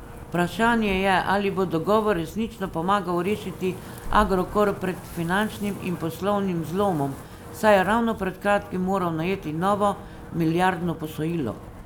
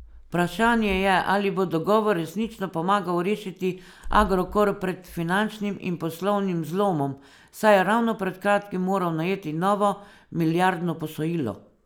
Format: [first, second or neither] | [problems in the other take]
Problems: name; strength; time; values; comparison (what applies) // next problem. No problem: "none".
second | background sound (Wind); 16 dB below the speech